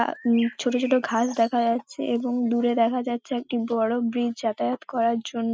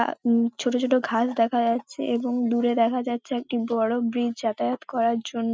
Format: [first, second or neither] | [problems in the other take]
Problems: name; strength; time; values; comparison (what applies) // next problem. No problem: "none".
second | background sound (Bird); 19 dB below the speech